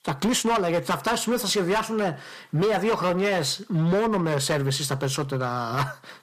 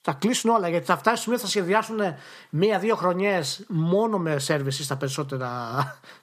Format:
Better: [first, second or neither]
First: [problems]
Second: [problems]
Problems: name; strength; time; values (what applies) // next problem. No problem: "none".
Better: second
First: distortion; heavy; 13% of the sound clipped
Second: none